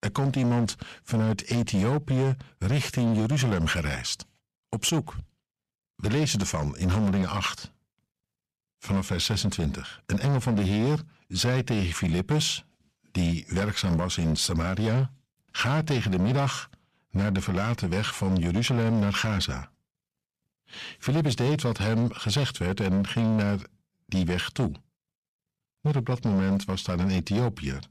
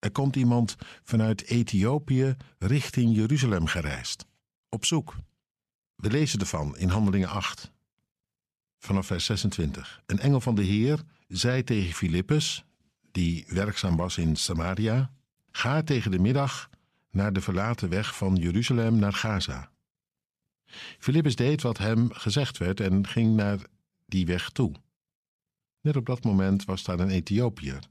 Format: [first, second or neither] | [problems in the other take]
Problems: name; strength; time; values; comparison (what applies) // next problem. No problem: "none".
second | distortion; slight; 12% of the sound clipped